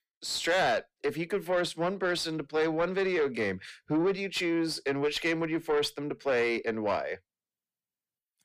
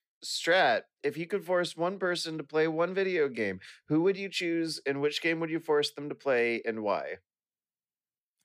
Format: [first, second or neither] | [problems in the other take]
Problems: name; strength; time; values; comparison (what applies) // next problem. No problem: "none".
second | distortion; slight; 10 dB below the speech